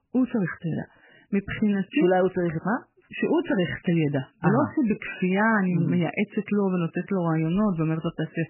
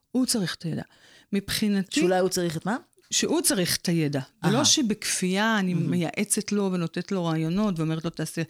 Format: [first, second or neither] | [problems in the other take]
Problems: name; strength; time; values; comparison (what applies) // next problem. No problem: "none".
second | garbled, watery; badly; nothing above 3 kHz